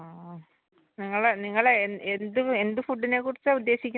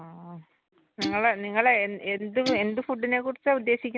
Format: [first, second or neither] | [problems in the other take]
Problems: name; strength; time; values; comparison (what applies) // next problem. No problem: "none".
first | background sound (Guitar); 11 dB below the speech